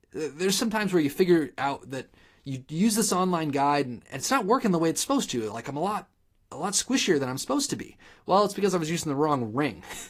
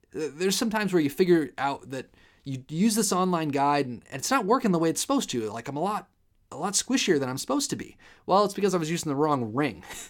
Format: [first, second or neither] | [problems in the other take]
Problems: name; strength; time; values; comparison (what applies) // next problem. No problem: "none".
second | garbled, watery; slightly; nothing above 14.5 kHz